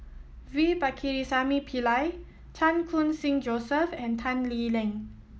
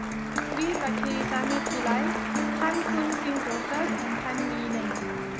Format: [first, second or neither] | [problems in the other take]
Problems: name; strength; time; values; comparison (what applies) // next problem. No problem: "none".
first | background sound (Guitar + Applause); 3 dB above the speech